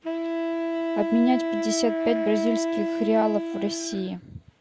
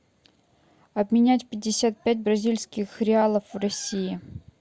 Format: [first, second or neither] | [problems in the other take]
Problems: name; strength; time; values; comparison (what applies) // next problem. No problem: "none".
second | background sound (Wind instrument, woodwind instrument); 1 dB below the speech